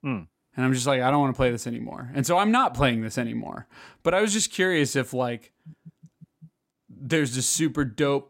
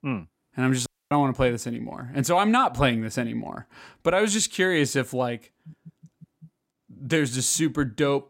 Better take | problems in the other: first | audio cutting out; at 1 s

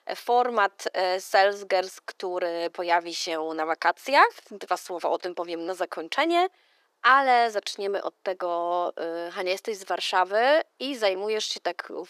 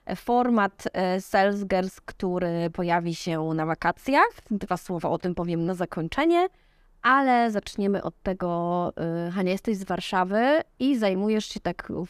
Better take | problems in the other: second | thin; very; fading below 400 Hz

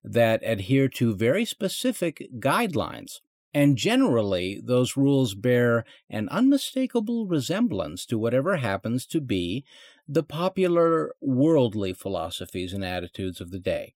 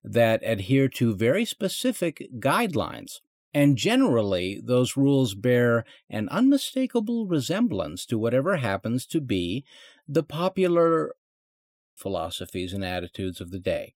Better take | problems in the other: first | audio cutting out; at 11 s for 1 s

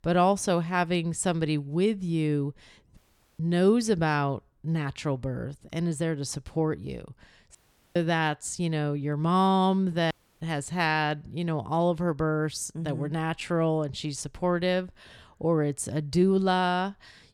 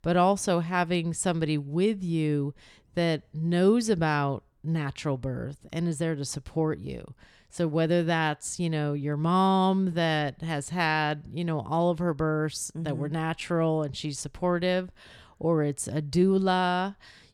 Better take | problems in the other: second | audio cutting out; at 3 s, at 7.5 s and at 10 s

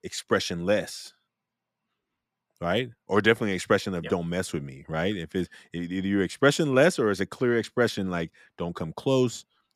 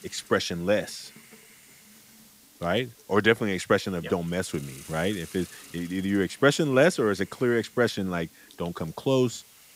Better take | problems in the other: first | hiss; faint; throughout; 20 dB below the speech

